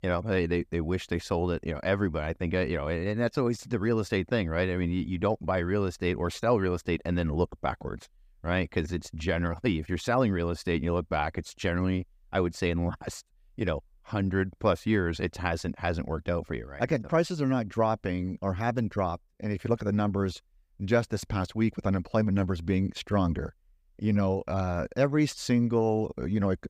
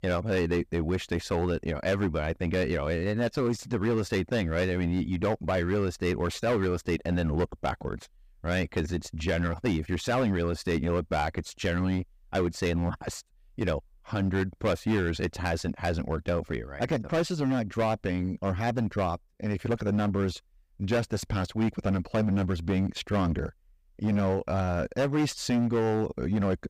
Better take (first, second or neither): first